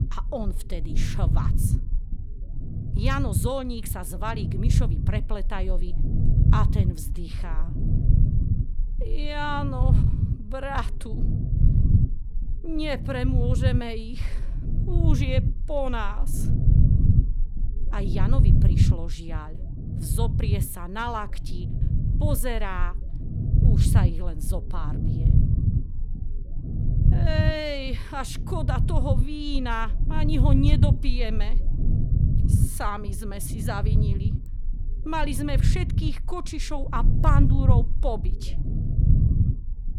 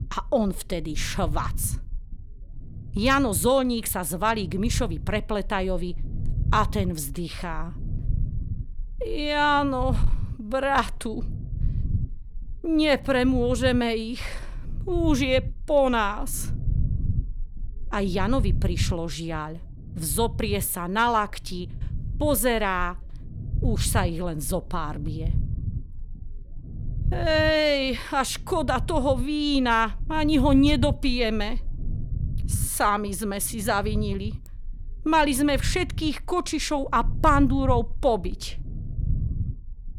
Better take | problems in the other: second | low rumble; loud; throughout; 6 dB below the speech; faint in the second

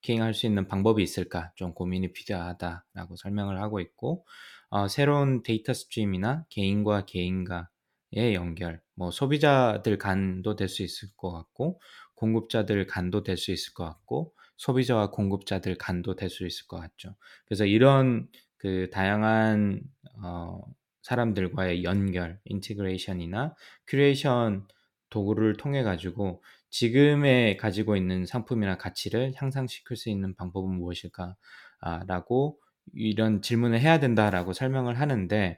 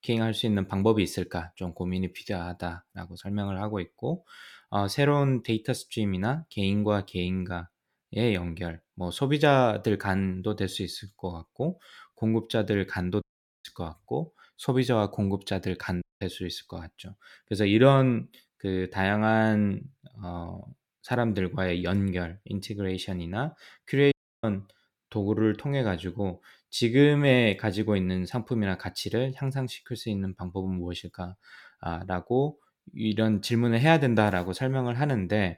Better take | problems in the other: first | audio cutting out; at 13 s, at 16 s and at 24 s

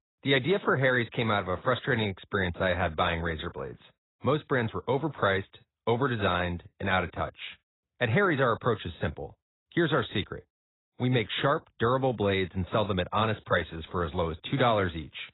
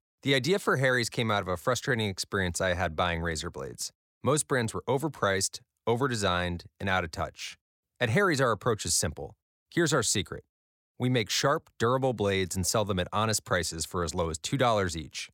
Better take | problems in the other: second | garbled, watery; badly; nothing above 4 kHz

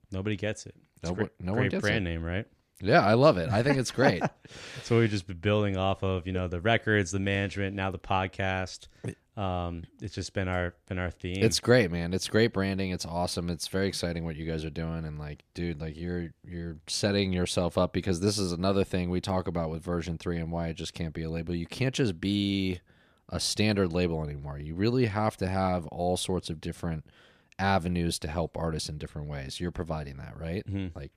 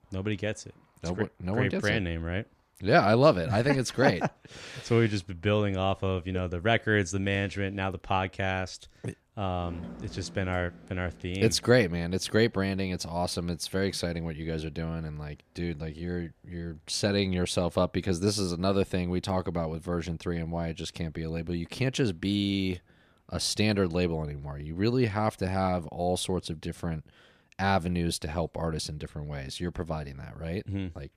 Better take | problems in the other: first | traffic noise; faint; until 25 s; 20 dB below the speech

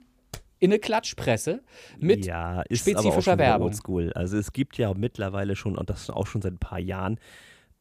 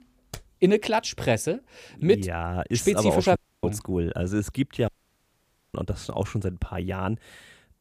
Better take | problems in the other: first | audio cutting out; at 3.5 s and at 5 s for 1 s

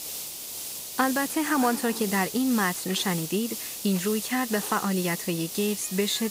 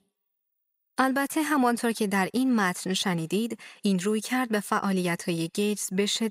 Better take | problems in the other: second | hiss; loud; throughout; 6 dB below the speech

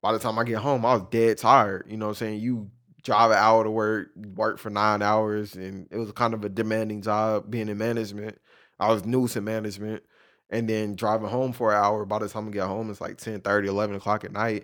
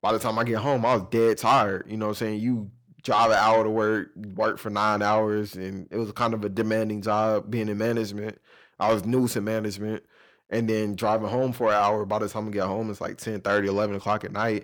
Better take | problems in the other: first | distortion; slight; 10 dB below the speech

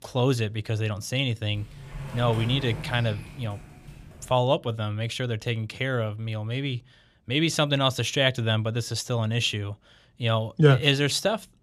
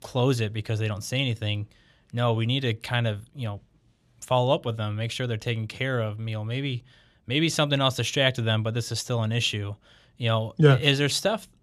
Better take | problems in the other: second | door banging; noticeable; from 1.5 to 4.5 s; peak 9 dB below the speech

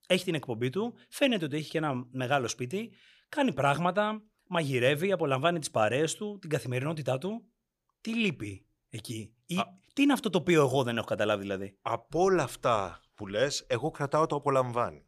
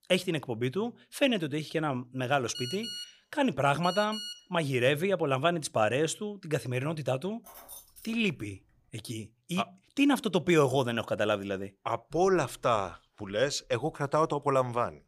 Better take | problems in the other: first | phone ringing; noticeable; from 2.5 to 4.5 s; peak 7 dB below the speech // jangling keys; faint; from 7.5 to 9 s; peak 15 dB below the speech

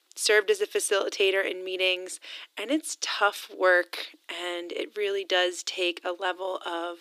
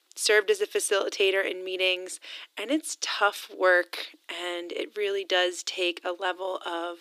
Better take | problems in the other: neither | thin; very; fading below 300 Hz; the same in both

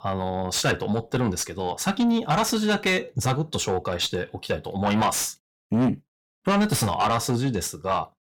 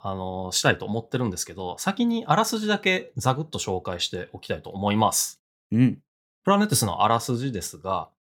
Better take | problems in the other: second | distortion; heavy; 6 dB below the speech

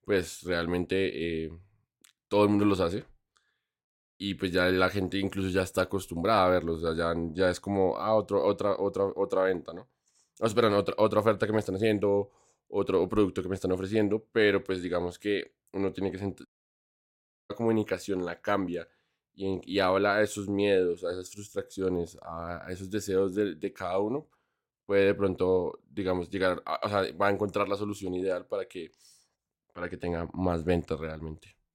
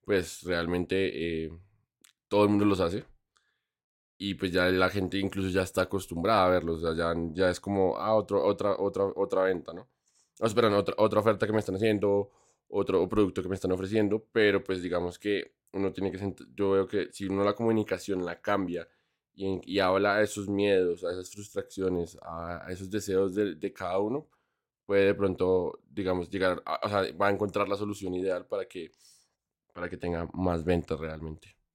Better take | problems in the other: second | audio cutting out; at 16 s for 1 s

